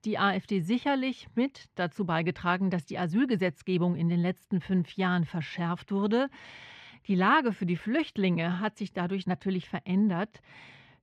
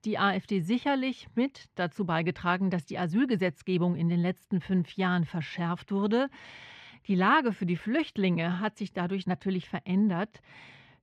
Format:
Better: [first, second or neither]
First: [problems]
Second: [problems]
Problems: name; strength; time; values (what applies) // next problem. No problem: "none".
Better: neither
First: muffled; slightly; fading above 3 kHz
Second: muffled; slightly; fading above 3 kHz